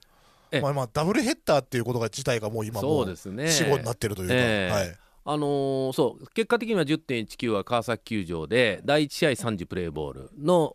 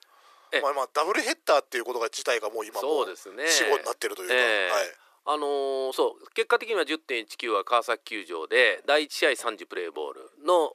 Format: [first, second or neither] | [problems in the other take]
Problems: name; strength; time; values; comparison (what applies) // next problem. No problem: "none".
first | thin; very; fading below 350 Hz